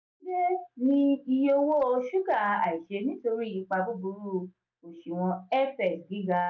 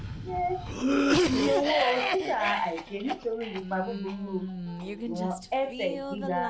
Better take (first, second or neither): first